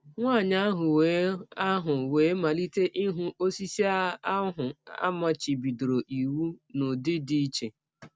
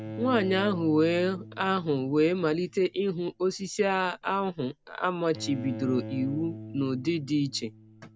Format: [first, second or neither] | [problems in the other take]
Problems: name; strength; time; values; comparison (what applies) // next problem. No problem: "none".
first | background sound (Bowed string instrument); 14 dB below the speech